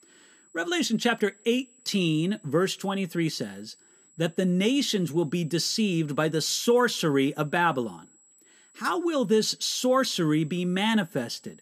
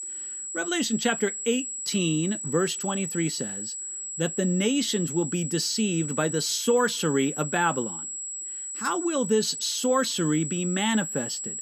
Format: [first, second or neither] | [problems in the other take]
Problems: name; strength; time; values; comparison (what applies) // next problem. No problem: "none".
first | high-pitched whine; loud; throughout; 7.5 kHz, 5 dB below the speech; faint in the first